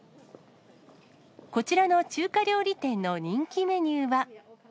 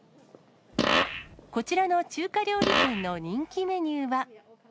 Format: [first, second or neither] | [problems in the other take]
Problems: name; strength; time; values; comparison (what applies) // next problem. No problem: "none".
first | background sound (Fart); 1 dB above the speech